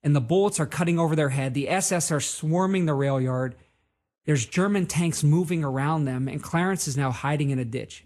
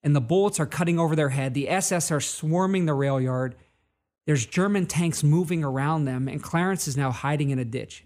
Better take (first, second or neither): second